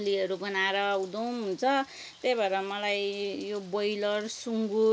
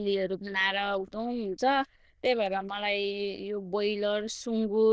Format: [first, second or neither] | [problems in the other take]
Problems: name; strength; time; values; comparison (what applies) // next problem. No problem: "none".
first | noise reduction (neural diffusion model UNIVERSE++)